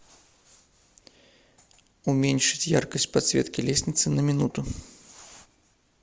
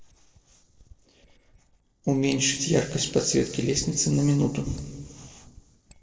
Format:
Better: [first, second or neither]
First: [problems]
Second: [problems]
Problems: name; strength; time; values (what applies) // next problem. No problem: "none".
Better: first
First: none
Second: noise reduction (neural separator model SepFormer DNS4)